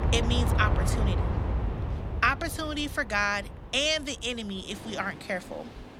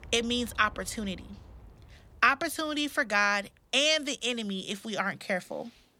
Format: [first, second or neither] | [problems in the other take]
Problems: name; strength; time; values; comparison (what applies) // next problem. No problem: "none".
second | train or aircraft noise; loud; throughout; 1 dB below the speech; faint in the second